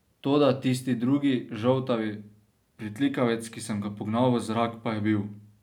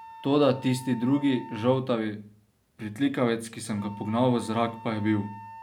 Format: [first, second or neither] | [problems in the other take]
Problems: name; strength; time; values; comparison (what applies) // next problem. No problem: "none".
first | background sound (Wind instrument, woodwind instrument); 19 dB below the speech